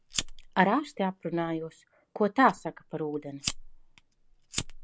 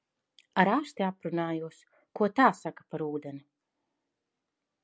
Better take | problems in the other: second | background sound (Fire); 11 dB below the speech

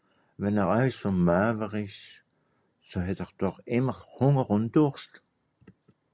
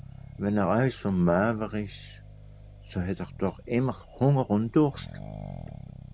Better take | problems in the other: first | background sound (Accelerating, revving, vroom); 16 dB below the speech

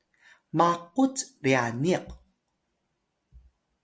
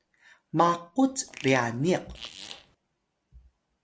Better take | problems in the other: first | background sound (Fart); 16 dB below the speech

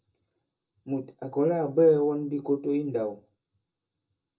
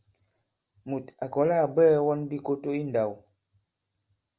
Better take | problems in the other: second | room echo; dies away in 0.2 s

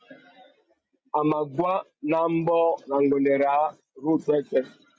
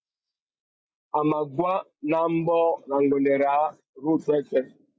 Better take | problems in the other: first | noise reduction (neural mask model Resemble Enhance denoiser)

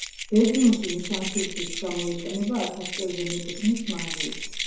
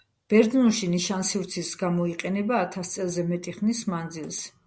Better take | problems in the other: second | background sound (Keys jangling); 7 dB below the speech // room echo; dies away in 2.3 s

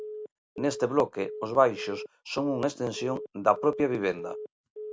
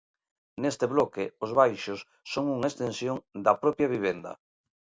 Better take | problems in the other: second | background sound (Telephone); 12 dB below the speech

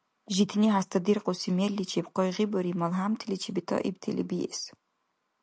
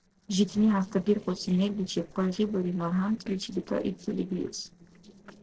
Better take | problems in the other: first | noise reduction (neural separator model SepFormer DNS4)

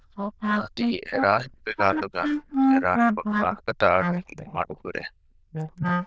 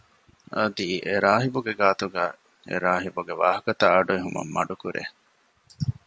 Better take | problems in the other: second | noise reduction (neural diffusion model UNIVERSE++)

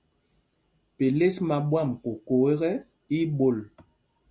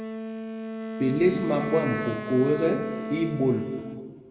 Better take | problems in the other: first | background sound (Wind instrument, woodwind instrument); 7 dB below the speech // room echo; dies away in 2 s

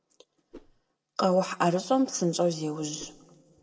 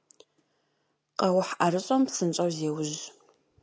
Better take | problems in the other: second | noise reduction (neural separator model SepFormer DNS4)

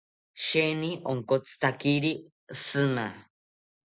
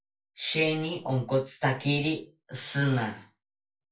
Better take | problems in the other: first | room echo; dies away in 0.3 s

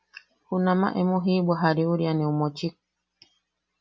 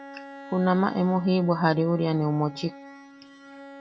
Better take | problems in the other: first | background sound (Bowed string instrument); 18 dB below the speech

